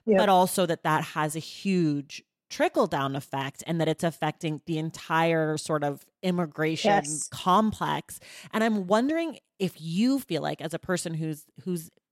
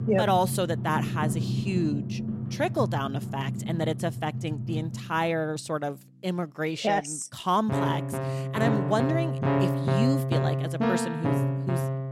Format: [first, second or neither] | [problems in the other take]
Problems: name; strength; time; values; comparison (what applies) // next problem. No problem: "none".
first | background music; very loud; throughout; as loud as the speech